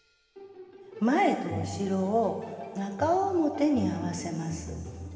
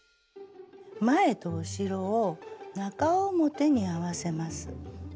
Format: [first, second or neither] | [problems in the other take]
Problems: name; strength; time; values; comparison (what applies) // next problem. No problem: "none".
second | room echo; dies away in 2.2 s